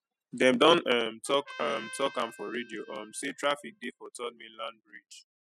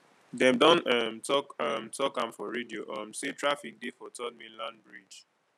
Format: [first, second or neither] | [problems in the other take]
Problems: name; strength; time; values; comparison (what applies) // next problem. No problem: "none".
second | noise reduction (classical method spectral subtraction)